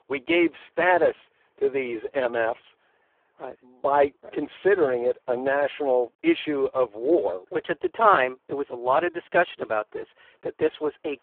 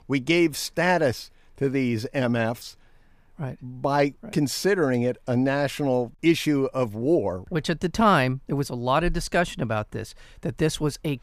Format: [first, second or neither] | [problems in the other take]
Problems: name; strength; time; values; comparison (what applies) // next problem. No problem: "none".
second | phone-call audio; poor line